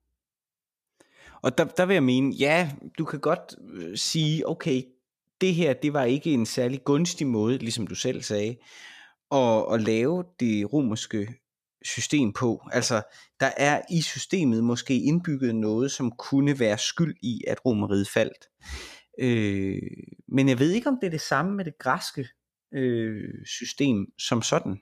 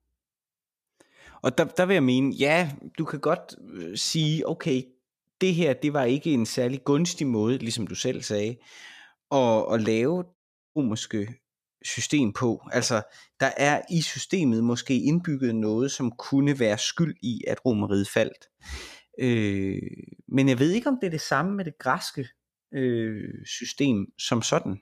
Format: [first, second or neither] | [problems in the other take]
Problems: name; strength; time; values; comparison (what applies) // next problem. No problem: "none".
first | audio cutting out; at 10 s